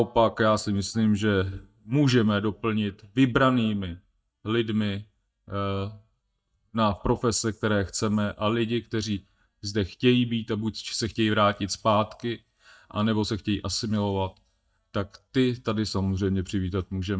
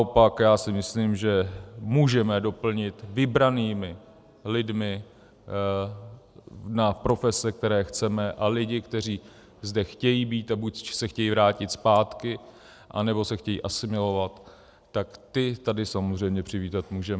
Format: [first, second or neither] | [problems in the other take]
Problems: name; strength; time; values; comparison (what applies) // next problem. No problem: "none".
second | noise reduction (neural mask model DeepFilterNet 3)